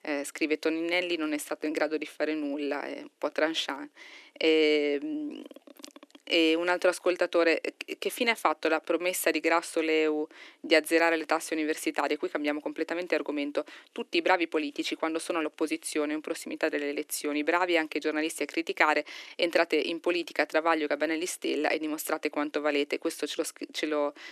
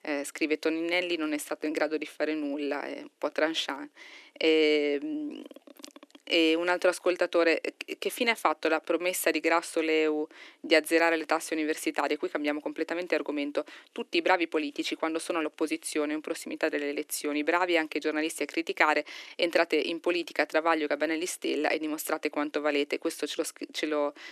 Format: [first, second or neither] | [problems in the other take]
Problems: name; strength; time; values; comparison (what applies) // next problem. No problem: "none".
neither | thin; somewhat; fading below 300 Hz; the same in both